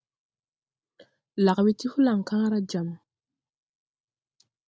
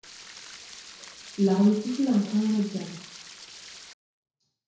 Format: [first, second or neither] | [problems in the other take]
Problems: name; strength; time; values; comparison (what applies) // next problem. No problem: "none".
first | background sound (Stream); 17 dB below the speech // room echo; dies away in 0.6 s